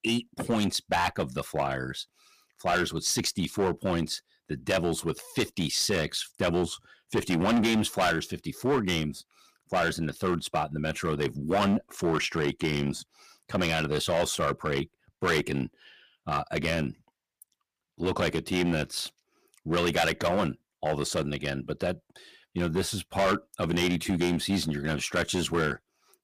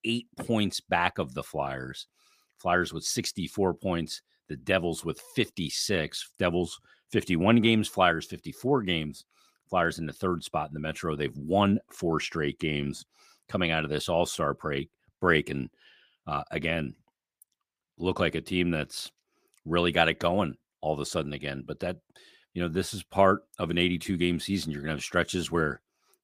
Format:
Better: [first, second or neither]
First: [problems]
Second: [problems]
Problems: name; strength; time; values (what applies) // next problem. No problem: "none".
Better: second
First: distortion; heavy; 7% of the sound clipped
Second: none